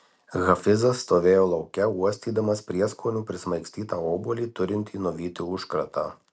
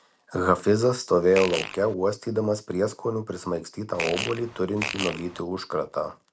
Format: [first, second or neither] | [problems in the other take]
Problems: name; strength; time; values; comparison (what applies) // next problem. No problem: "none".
first | background sound (Fart); 7 dB below the speech